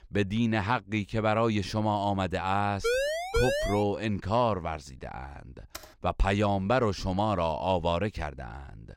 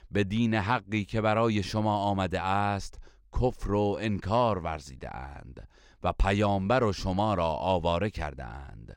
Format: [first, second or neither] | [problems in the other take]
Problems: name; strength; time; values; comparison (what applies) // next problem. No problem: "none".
second | siren; loud; at 3 s; peak 1 dB above the speech // keyboard typing; faint; at 5.5 s; peak 15 dB below the speech